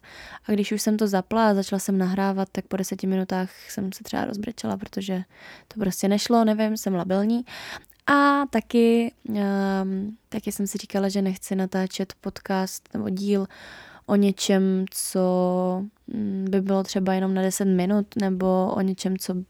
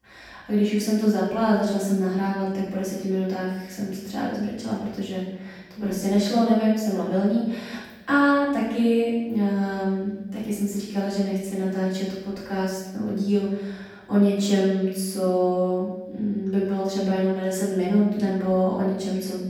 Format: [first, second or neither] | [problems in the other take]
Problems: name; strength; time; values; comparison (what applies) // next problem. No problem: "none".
first | off-mic speech; far // room echo; noticeable; dies away in 1 s